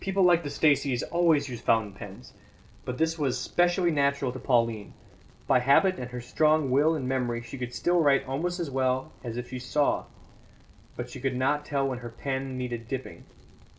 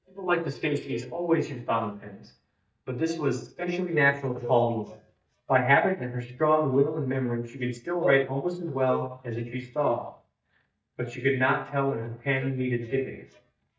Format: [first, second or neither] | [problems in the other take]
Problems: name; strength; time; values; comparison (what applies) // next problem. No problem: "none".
first | noise reduction (neural mask model DeepFilterNet 3)